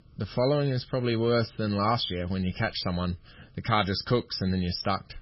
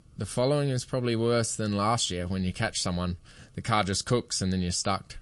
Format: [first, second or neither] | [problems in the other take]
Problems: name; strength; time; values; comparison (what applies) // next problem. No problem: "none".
second | garbled, watery; badly; nothing above 5.5 kHz; slightly in the second